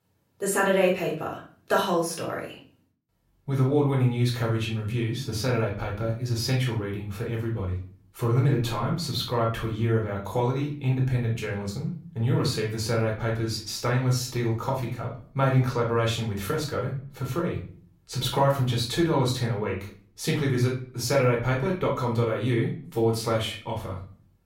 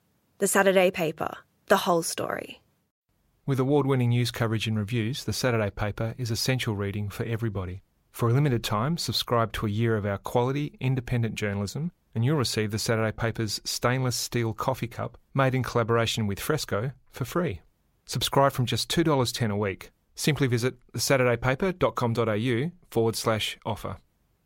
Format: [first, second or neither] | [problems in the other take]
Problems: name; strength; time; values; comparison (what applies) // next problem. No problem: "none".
second | off-mic speech; far // room echo; slight; dies away in 0.4 s